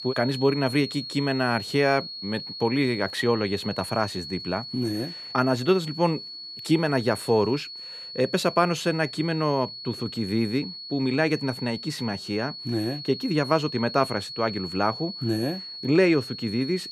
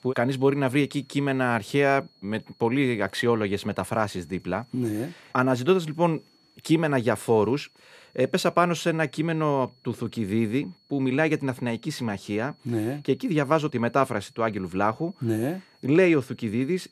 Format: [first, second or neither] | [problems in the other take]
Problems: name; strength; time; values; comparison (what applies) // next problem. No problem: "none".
second | high-pitched whine; loud; throughout; 4.5 kHz, 9 dB below the speech; faint in the second